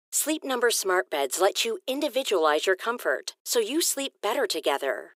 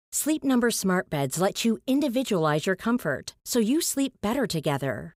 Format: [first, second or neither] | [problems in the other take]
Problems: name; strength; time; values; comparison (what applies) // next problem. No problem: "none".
second | thin; very; fading below 350 Hz